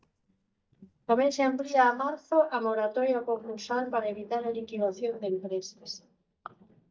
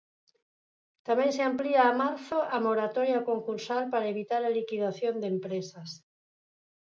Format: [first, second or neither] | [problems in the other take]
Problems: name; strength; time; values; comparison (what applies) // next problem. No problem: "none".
second | noise reduction (neural mask model DeepFilterNet 3)